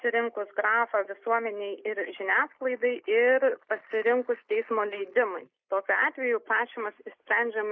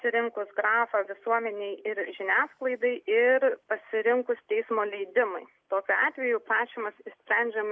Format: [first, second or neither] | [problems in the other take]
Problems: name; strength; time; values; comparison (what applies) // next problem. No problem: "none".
second | noise reduction (neural mask model Resemble Enhance denoiser)